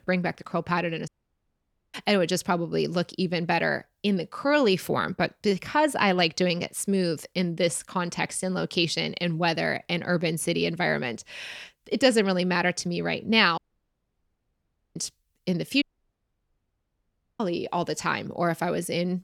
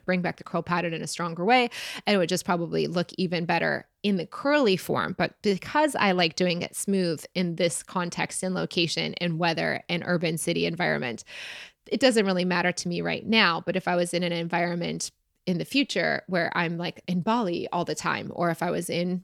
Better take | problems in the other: second | audio cutting out; at 1 s for 1 s, at 14 s for 1.5 s and at 16 s for 1.5 s

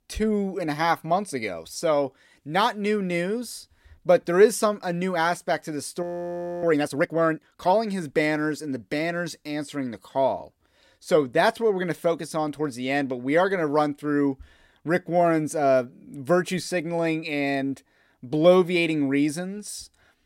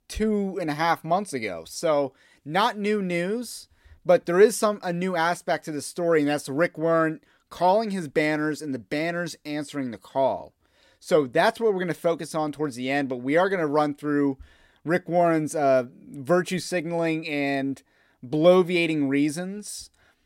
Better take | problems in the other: second | audio freezing; at 6 s for 0.5 s

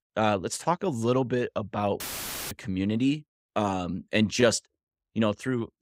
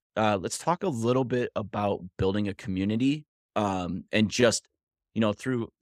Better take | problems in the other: second | audio cutting out; filled with static; at 2 s for 0.5 s

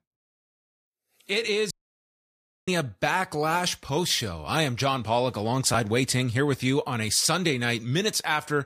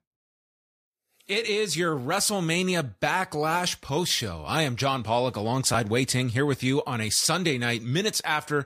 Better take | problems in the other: second | audio cutting out; at 1.5 s for 1 s

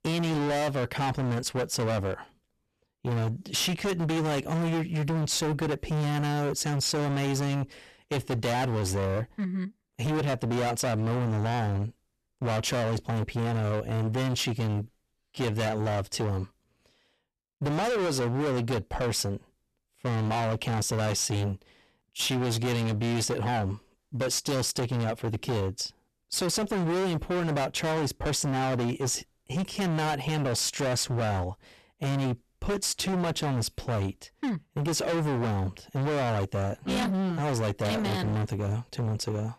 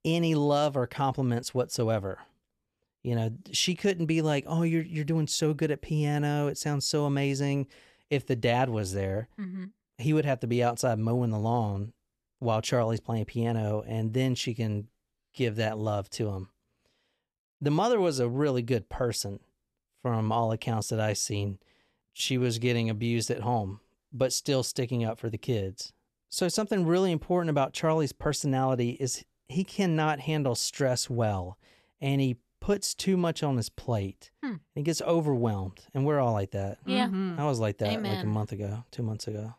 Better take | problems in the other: second | distortion; heavy; 33% of the sound clipped

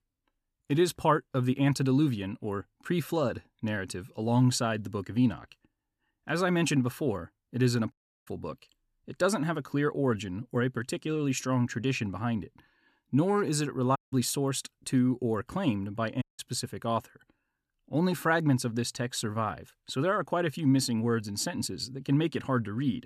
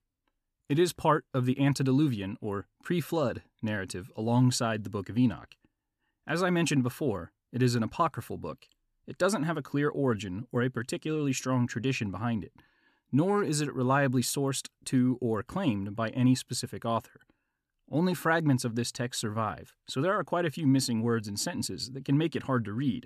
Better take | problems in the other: second | audio cutting out; at 8 s, at 14 s and at 16 s

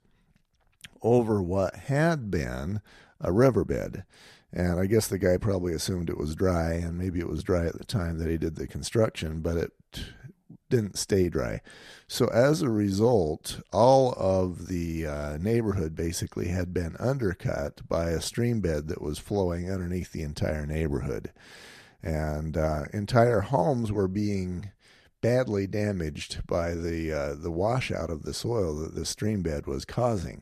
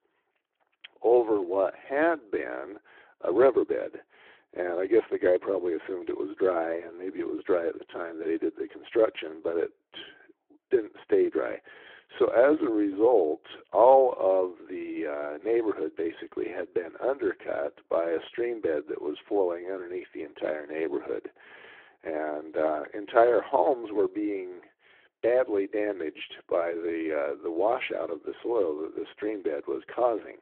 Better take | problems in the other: first | phone-call audio

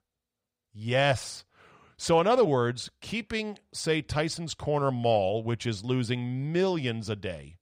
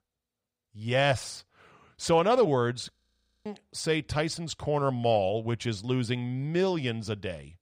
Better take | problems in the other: first | audio freezing; at 3 s for 0.5 s

